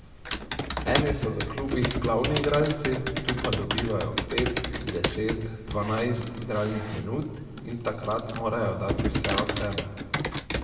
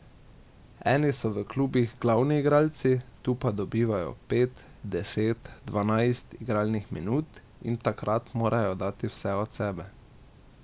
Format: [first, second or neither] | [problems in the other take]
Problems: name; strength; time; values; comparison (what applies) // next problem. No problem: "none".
second | background sound (Computer keyboard); 2 dB below the speech // room echo; dies away in 1.6 s